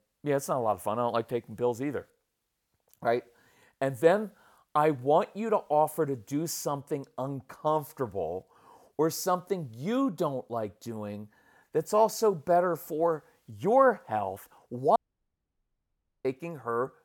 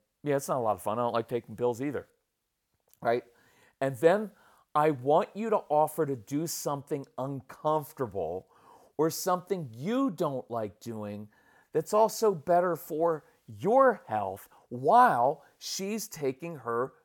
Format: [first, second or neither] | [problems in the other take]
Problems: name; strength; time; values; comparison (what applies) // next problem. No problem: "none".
second | audio cutting out; at 15 s for 1.5 s